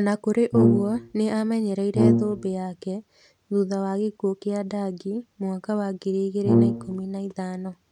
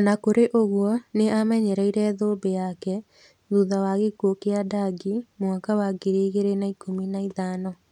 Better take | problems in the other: second | background sound (Brass instrument); 4 dB above the speech

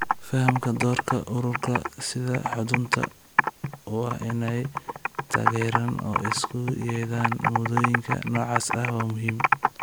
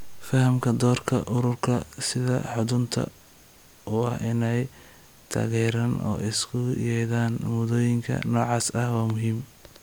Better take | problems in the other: second | background sound (Computer keyboard); 1 dB below the speech

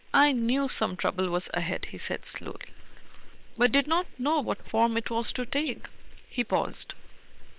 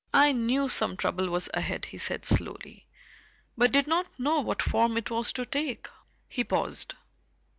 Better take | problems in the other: second | noise reduction (neural separator model SepFormer WHAM!)

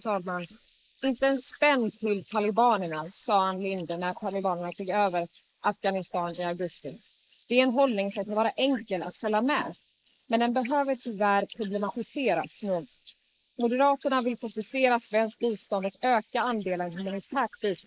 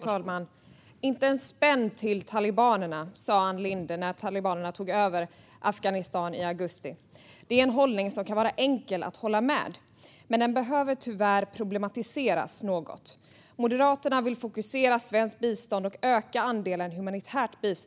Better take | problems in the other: second | noise reduction (neural mask model Resemble Enhance denoiser)

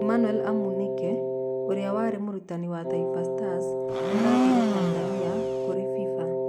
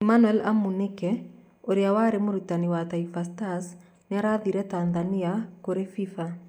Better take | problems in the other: second | background sound (Domestic sounds, home sounds + Wind instrument, woodwind instrument); 4 dB above the speech

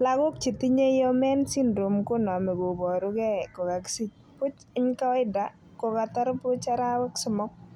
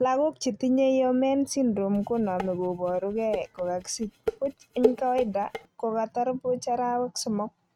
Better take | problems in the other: first | noise reduction (neural mask model RNNoise)

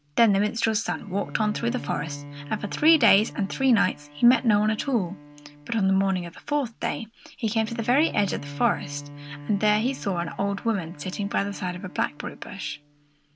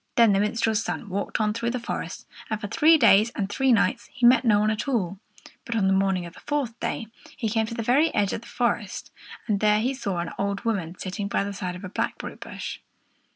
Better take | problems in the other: second | background sound (Bowed string instrument); 16 dB below the speech

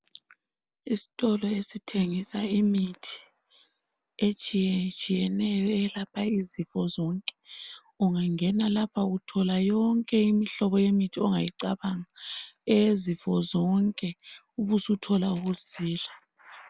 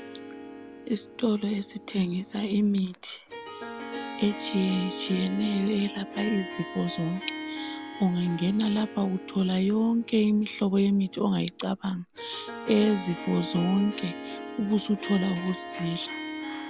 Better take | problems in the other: first | background sound (Harp); 11 dB below the speech

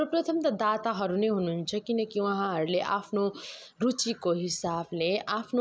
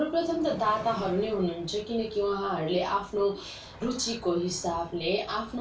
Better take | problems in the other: first | background sound (Train); 18 dB below the speech // room echo; dies away in 0.2 s

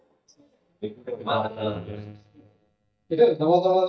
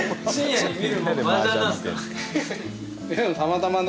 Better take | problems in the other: second | noise reduction (neural mask model DeepFilterNet 3)

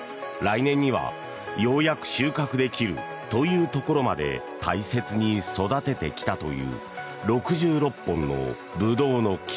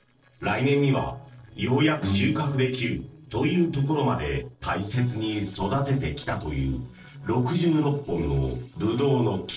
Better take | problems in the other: first | noise reduction (neural separator model SepFormer DNS4)

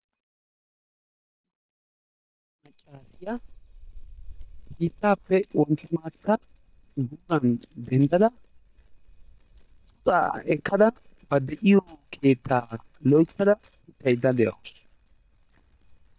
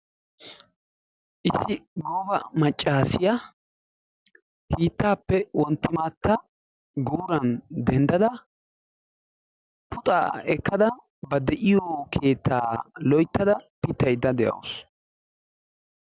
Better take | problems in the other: second | noise reduction (neural mask model DeepFilterNet 3)

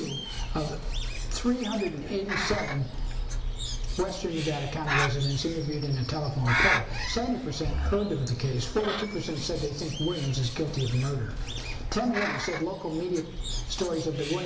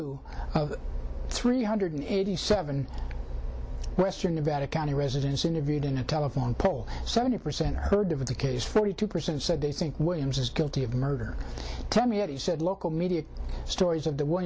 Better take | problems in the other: second | background sound (Bird); 7 dB below the speech // room echo; dies away in 0.9 s

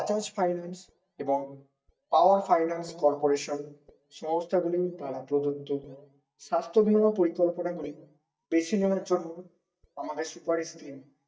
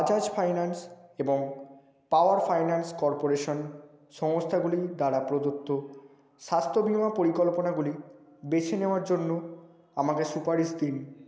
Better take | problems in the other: second | noise reduction (neural mask model DeepFilterNet 3)

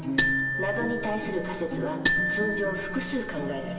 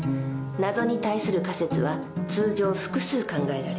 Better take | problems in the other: second | background sound (Marimba, xylophone); as loud as the speech // room echo; dies away in 2.1 s

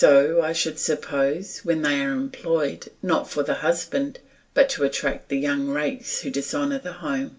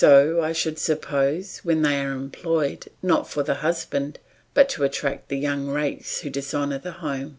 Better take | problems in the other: second | room echo; dies away in 0.2 s

